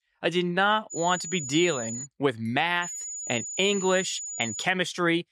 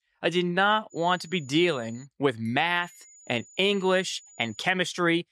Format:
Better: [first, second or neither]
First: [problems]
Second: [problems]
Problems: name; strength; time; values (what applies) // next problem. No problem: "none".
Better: second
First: high-pitched whine; loud; from 1 to 2 s and from 3 to 4.5 s; 7 kHz, 7 dB below the speech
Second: high-pitched whine; faint; from 1 to 2 s and from 3 to 4.5 s; 7 kHz, 25 dB below the speech